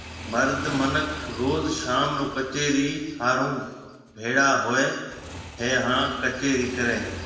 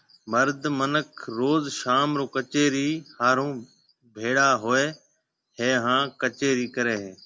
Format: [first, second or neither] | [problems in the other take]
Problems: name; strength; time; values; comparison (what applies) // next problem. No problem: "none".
second | background sound (Motorcycle / Engine); 14 dB below the speech // room echo; dies away in 1.3 s